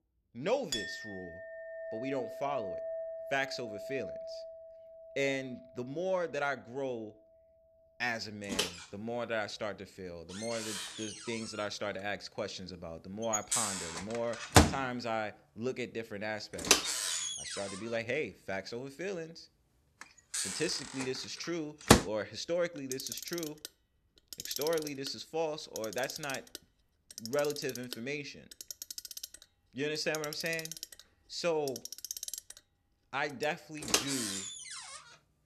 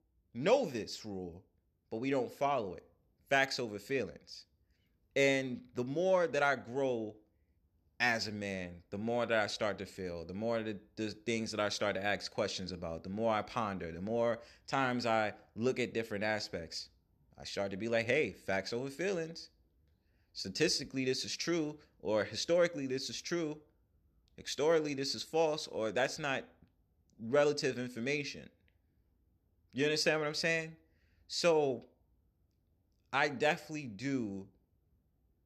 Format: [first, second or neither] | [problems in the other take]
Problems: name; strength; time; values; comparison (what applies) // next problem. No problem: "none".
second | household noises; very loud; throughout; 2 dB above the speech